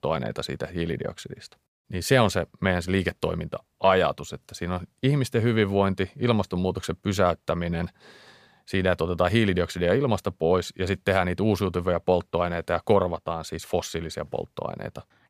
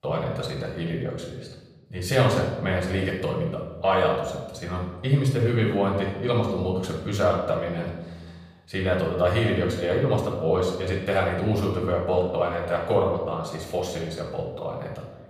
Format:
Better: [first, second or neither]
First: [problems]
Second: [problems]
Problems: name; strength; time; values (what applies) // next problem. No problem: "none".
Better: first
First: none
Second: off-mic speech; far // room echo; noticeable; dies away in 1 s